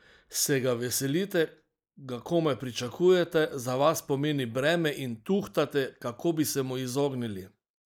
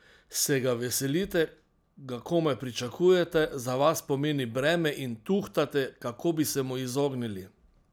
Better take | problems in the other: second | noise reduction (neural mask model Resemble Enhance denoiser)

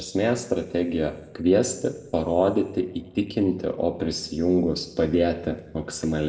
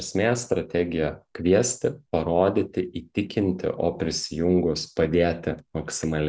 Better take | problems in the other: second | room echo; dies away in 1.1 s

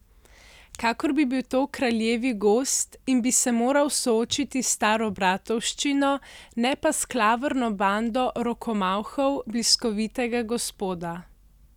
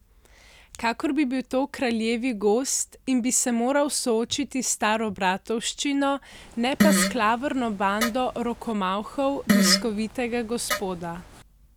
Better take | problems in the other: first | background sound (Fart); 2 dB below the speech

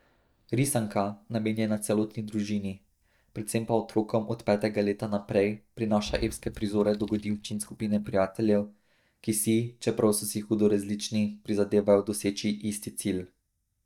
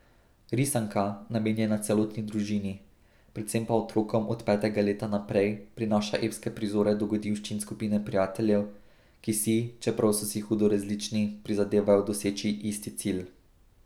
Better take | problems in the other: second | noise reduction (neural mask model DeepFilterNet 3)

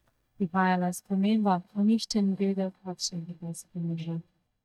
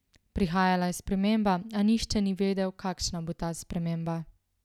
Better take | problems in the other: second | noise reduction (neural mask model DeepFilterNet 3)

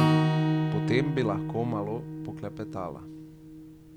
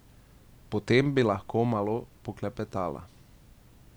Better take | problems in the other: second | background sound (Acoustic guitar / Strum); 5 dB above the speech

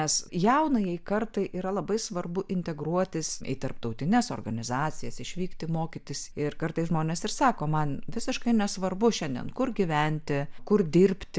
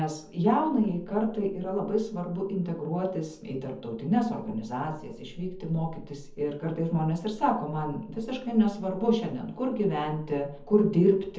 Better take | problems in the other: first | room echo; dies away in 0.7 s

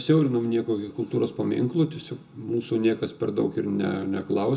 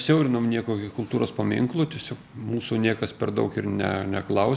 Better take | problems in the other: second | room echo; dies away in 0.2 s

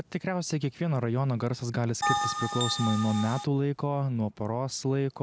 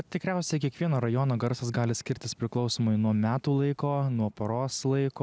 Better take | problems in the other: second | background sound (Bell); 2 dB below the speech

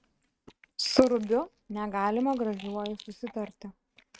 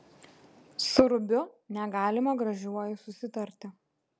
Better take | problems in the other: second | noise reduction (neural mask model RNNoise)

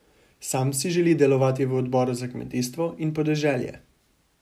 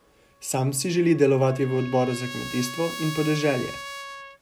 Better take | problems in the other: first | background sound (Trumpet); 13 dB below the speech

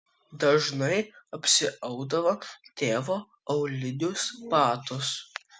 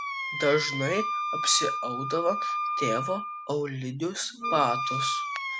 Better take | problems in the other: first | background sound (Wind instrument, woodwind instrument); 2 dB below the speech

